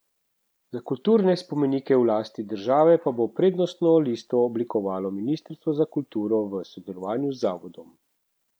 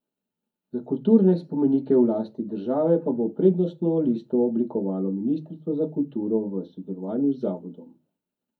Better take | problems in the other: first | room echo; dies away in 0.4 s

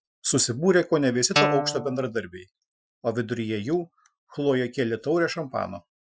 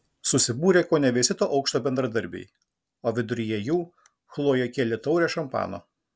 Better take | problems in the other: second | noise reduction (classical method Wiener filter)

